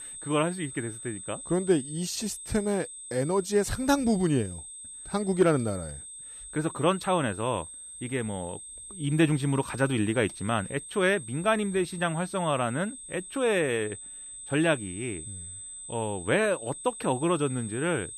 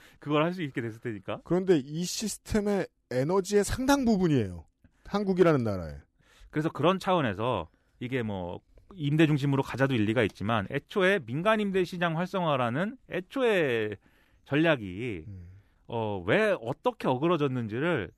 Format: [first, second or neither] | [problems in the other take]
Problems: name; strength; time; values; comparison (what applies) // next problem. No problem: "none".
second | high-pitched whine; noticeable; throughout; 8 kHz, 10 dB below the speech